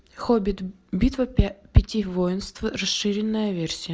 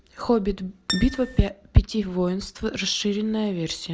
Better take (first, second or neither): first